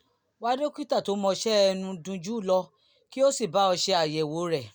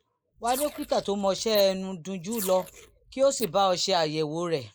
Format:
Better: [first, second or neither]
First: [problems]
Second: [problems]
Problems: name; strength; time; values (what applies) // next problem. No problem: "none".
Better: first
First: none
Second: noise reduction (neural mask model Resemble Enhance denoiser)